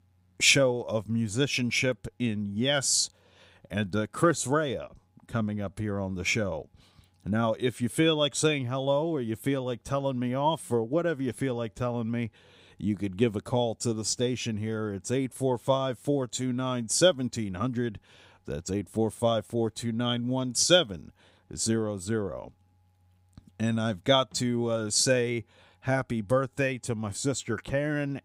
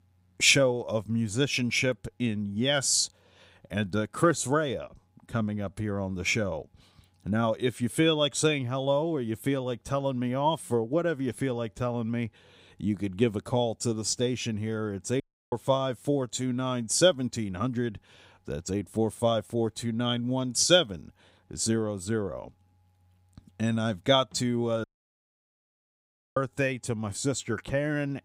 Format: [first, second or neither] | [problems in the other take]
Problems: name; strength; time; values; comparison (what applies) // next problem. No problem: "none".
first | audio cutting out; at 15 s and at 25 s for 1.5 s